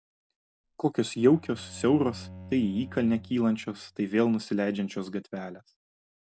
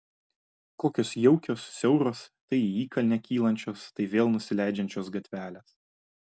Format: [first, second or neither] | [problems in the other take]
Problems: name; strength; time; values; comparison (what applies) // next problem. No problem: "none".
second | background sound (Bowed string instrument); 19 dB below the speech